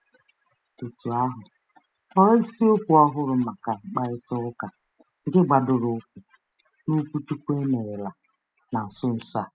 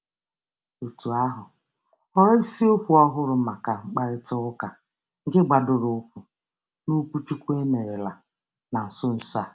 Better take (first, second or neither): second